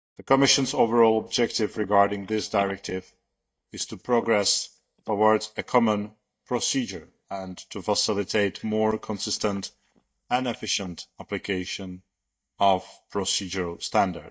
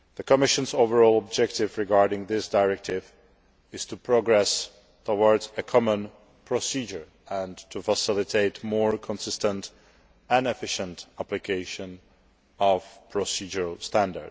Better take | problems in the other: second | noise reduction (neural mask model DeepFilterNet 3)

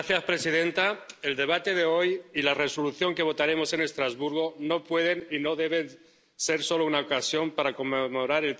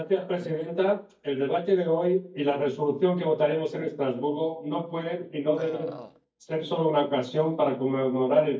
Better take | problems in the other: first | noise reduction (neural mask model DeepFilterNet 3)

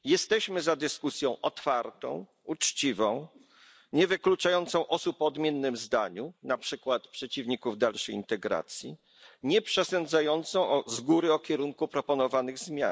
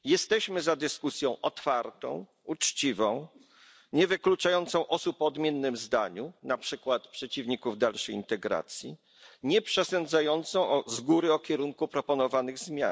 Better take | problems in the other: second | noise reduction (neural mask model Resemble Enhance denoiser)

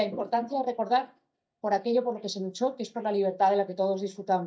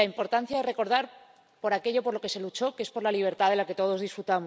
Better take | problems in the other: second | noise reduction (neural mask model DeepFilterNet 3)

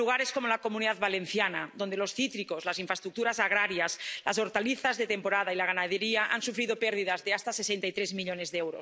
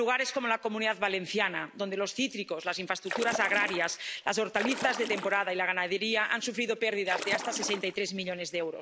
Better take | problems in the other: first | background sound (Splash, splatter); 7 dB below the speech

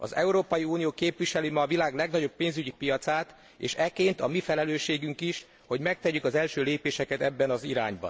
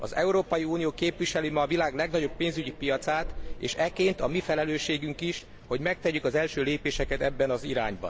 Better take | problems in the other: first | background sound (Subway, metro, underground); 12 dB below the speech

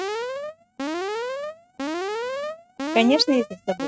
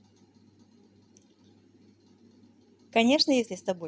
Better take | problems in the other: second | noise reduction (neural mask model RNNoise)

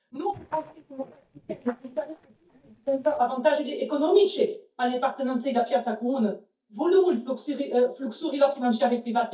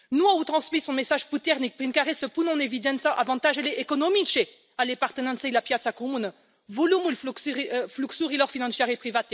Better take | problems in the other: second | noise reduction (neural mask model DeepFilterNet 3)

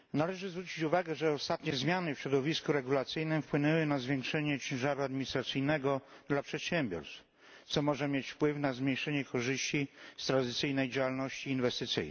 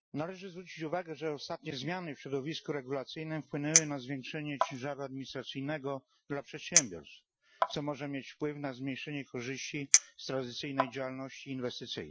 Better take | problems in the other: first | noise reduction (classical method Wiener filter)

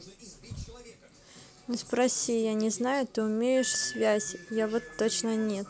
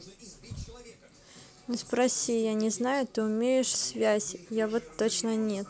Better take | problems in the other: second | background sound (Wind instrument, woodwind instrument); 19 dB below the speech

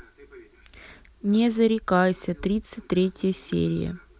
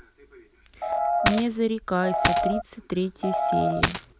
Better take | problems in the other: first | background sound (Coin (dropping) + Piano); 5 dB above the speech

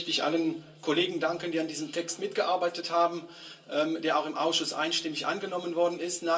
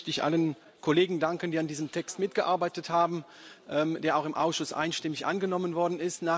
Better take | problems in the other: second | room echo; dies away in 0.2 s

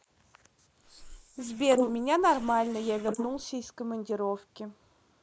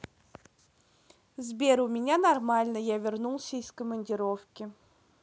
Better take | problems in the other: second | noise reduction (neural mask model Resemble Enhance denoiser)

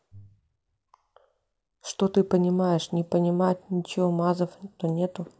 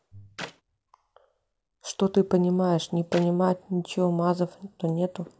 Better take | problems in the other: first | background sound (Clapping); 18 dB below the speech

